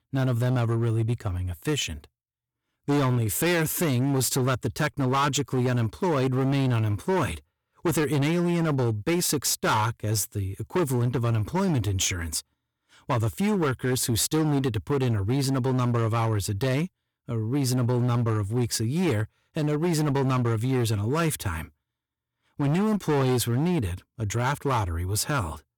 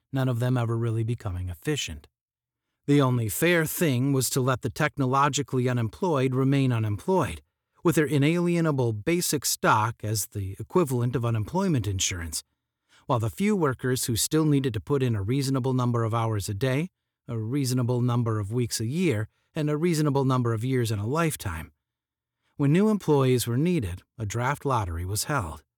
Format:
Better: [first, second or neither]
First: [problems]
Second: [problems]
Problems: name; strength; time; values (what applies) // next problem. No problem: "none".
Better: second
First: distortion; slight; 15% of the sound clipped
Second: none